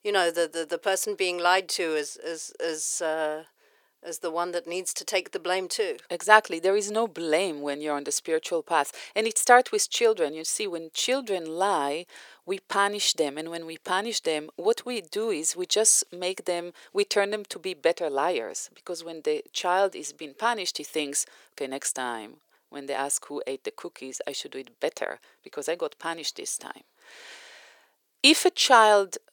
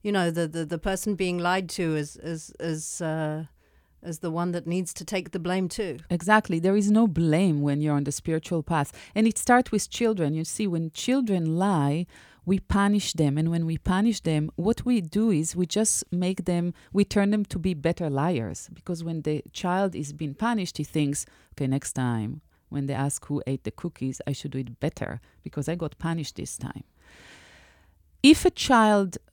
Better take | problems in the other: second | thin; very; fading below 450 Hz

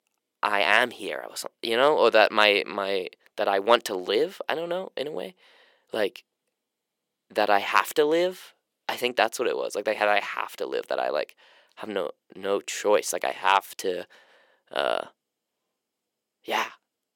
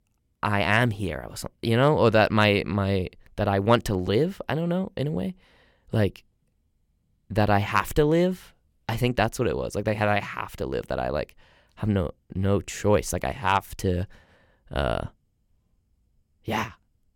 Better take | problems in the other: second | thin; very; fading below 400 Hz

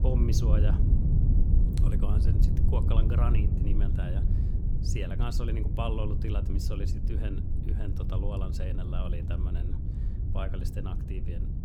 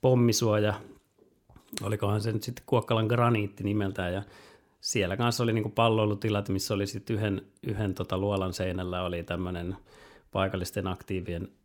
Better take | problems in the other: second | wind noise on the microphone; heavy; 2 dB below the speech

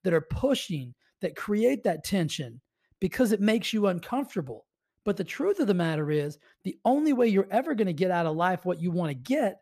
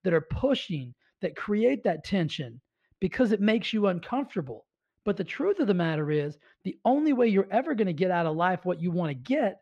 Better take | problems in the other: first | muffled; very slightly; fading above 3 kHz

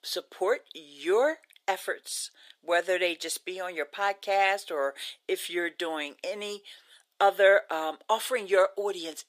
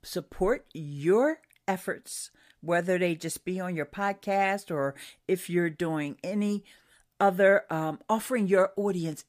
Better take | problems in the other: second | thin; very; fading below 400 Hz

